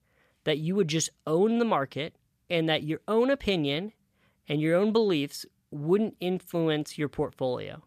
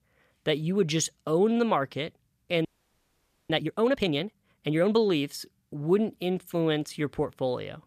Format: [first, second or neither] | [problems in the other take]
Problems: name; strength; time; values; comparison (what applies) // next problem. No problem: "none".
first | audio freezing; at 2.5 s for 1 s